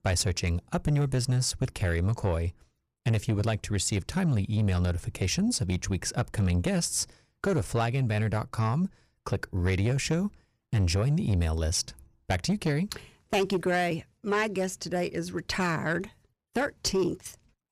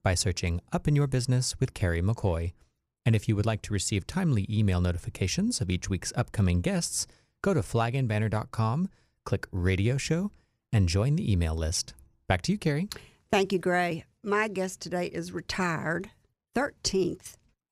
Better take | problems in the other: second | distortion; slight; 10 dB below the speech

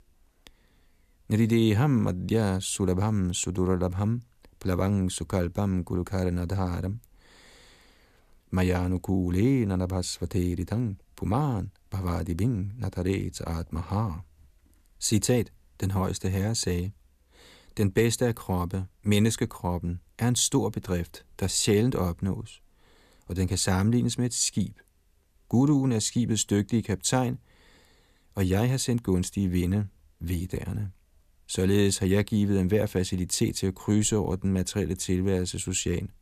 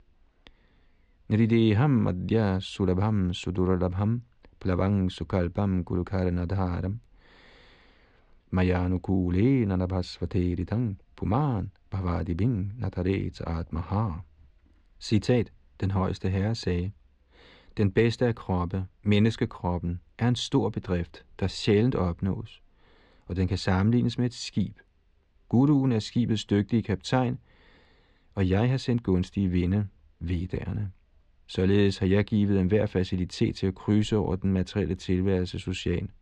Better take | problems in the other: first | muffled; slightly; fading above 4 kHz

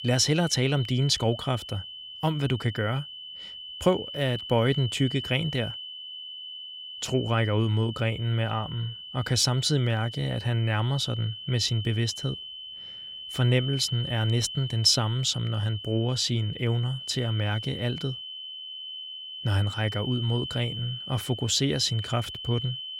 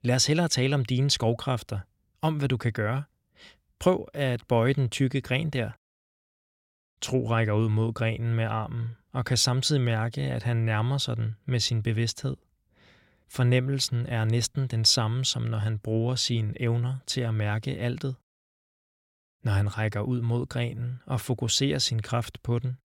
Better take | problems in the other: second | high-pitched whine; loud; throughout; 3 kHz, 9 dB below the speech

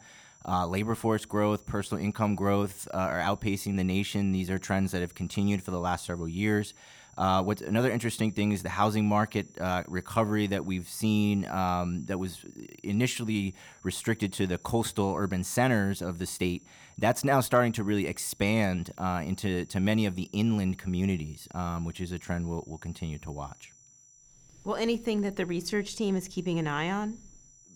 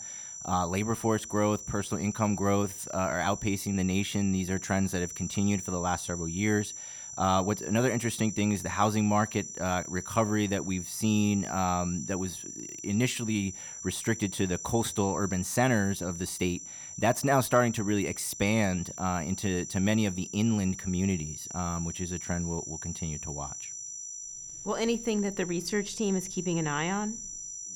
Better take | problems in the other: first | high-pitched whine; loud; throughout; 6 kHz, 9 dB below the speech; faint in the first

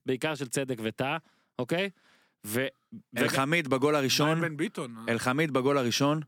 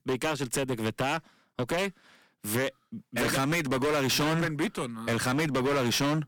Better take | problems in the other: first | distortion; heavy; 22% of the sound clipped

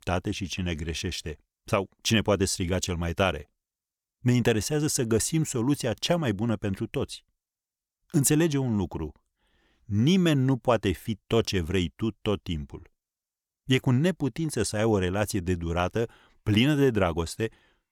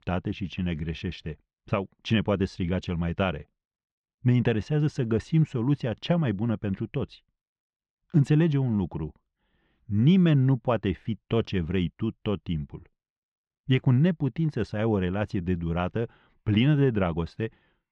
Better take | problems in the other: first | muffled; very; fading above 3 kHz

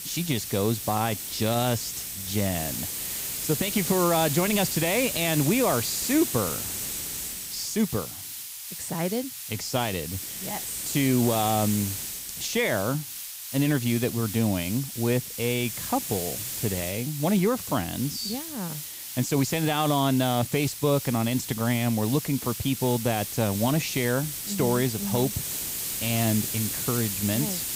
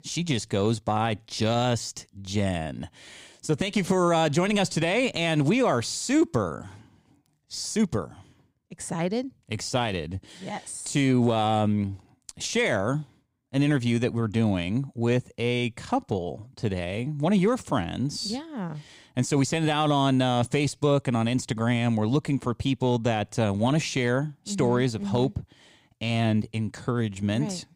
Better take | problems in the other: second | hiss; loud; throughout; 4 dB below the speech

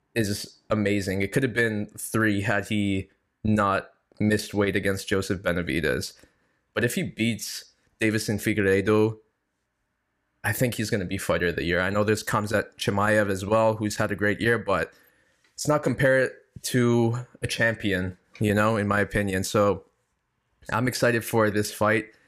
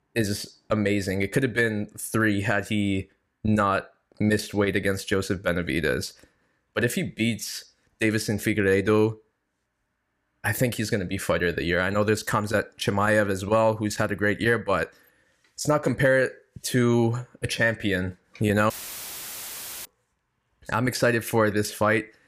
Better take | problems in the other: first | audio cutting out; filled with static; at 19 s for 1 s

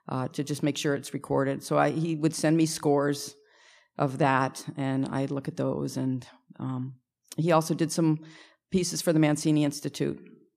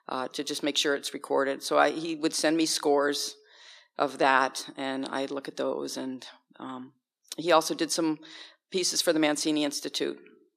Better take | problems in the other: first | thin; somewhat; fading below 350 Hz

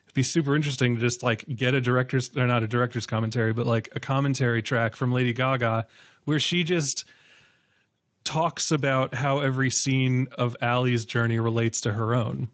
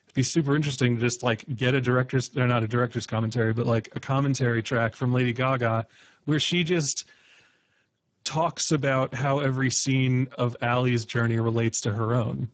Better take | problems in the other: first | garbled, watery; badly; nothing above 7.5 kHz; slightly in the first

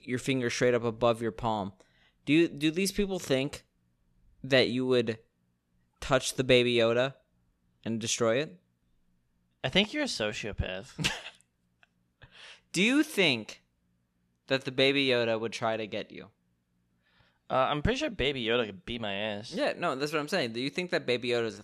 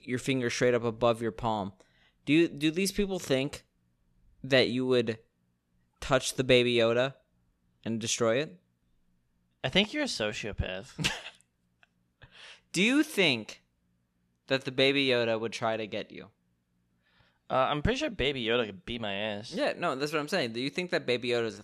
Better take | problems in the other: neither | none

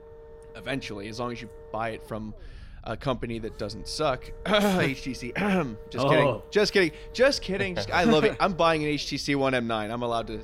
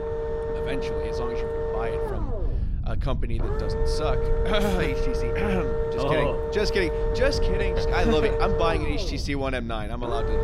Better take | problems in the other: first | low rumble; loud; throughout; 1 dB below the speech; faint in the first

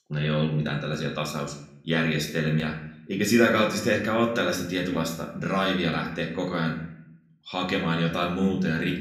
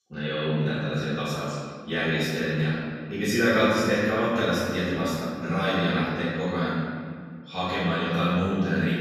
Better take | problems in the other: first | room echo; strong; dies away in 1.9 s; slight in the first // off-mic speech; far; somewhat distant in the first

